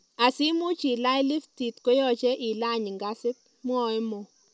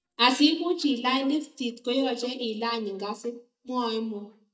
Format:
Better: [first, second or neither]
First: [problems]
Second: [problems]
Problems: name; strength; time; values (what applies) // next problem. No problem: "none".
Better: first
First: none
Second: noise reduction (neural mask model DeepFilterNet 3)